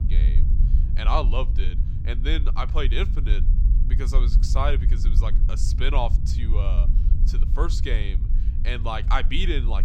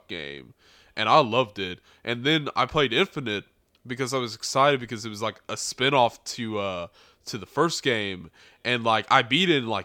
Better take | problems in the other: second | low rumble; noticeable; throughout; 15 dB below the speech

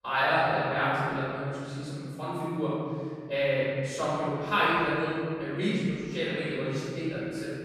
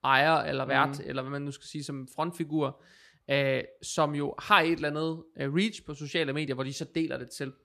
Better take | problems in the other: second | off-mic speech; far // room echo; strong; dies away in 2.4 s

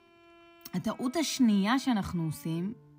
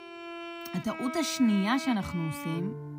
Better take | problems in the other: first | background music; loud; throughout; 9 dB below the speech; faint in the first

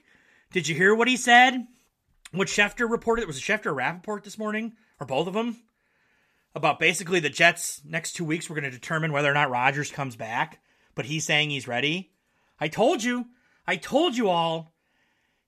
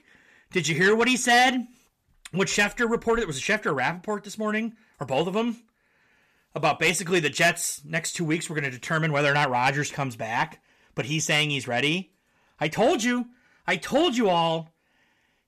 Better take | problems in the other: first | distortion; slight; 10 dB below the speech

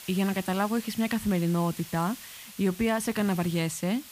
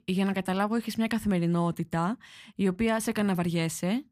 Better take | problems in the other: second | hiss; noticeable; throughout; 15 dB below the speech

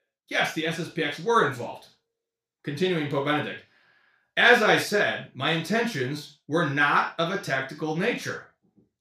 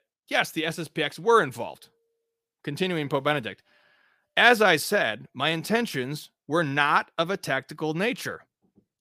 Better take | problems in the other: second | room echo; noticeable; dies away in 0.3 s // off-mic speech; far

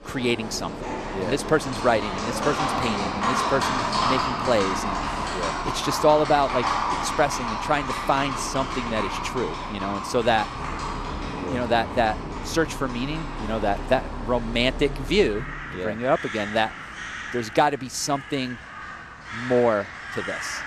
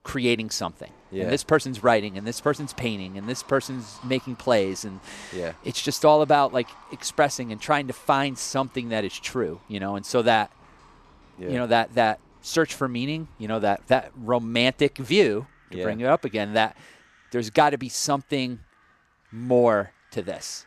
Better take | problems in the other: second | animal sounds; loud; throughout; 4 dB below the speech; faint in the second

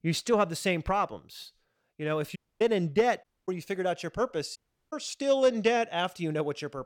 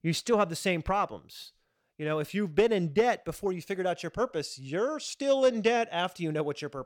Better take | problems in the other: second | audio cutting out; at 2.5 s, at 3 s and at 4.5 s

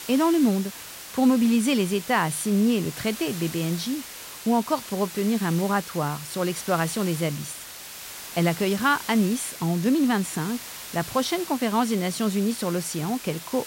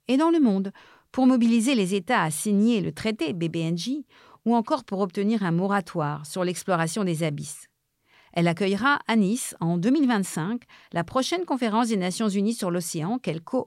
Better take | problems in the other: second | hiss; noticeable; throughout; 10 dB below the speech

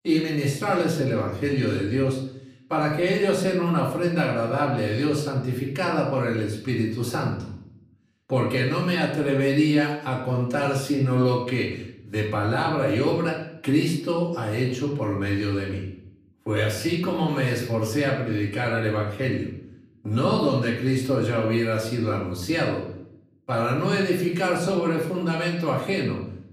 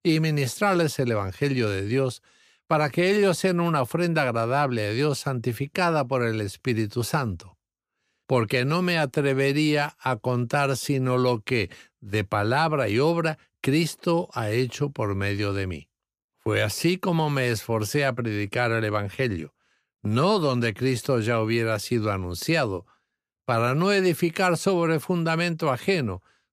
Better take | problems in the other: second | off-mic speech; far // room echo; noticeable; dies away in 0.7 s

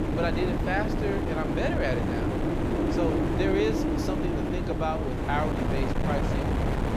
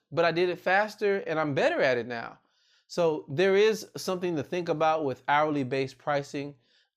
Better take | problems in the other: second | wind noise on the microphone; heavy; as loud as the speech

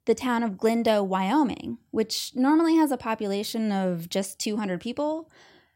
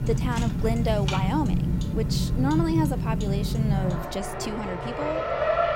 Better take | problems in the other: first | traffic noise; very loud; throughout; 3 dB above the speech

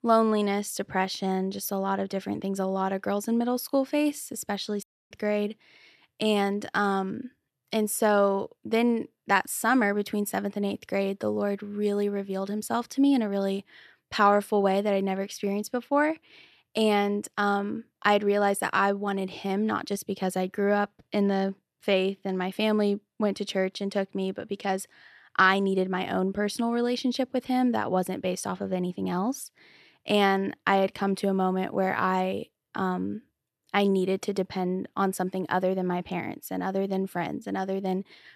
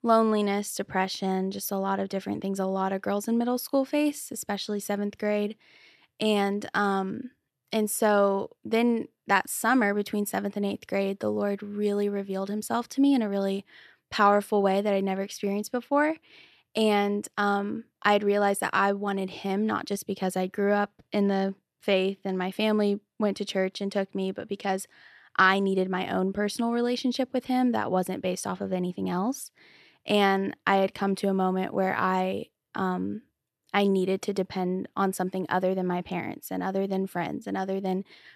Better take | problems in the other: second | audio cutting out; at 5 s

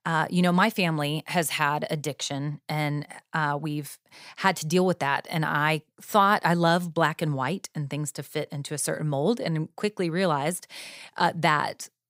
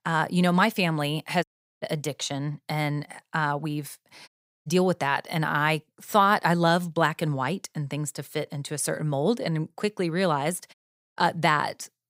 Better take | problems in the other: first | audio cutting out; at 1.5 s, at 4.5 s and at 11 s

